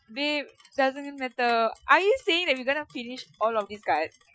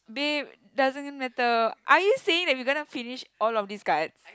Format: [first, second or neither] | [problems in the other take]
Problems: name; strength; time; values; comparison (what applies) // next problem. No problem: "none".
second | noise reduction (classical method Wiener filter)